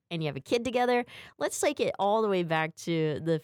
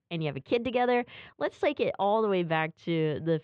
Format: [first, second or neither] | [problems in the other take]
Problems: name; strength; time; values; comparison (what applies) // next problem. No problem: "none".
first | muffled; very; fading above 3 kHz